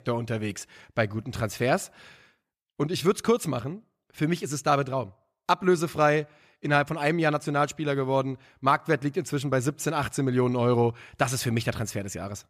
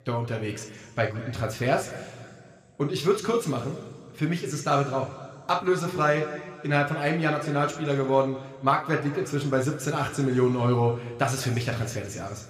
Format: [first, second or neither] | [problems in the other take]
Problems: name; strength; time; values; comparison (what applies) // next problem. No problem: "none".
first | room echo; slight; dies away in 1.9 s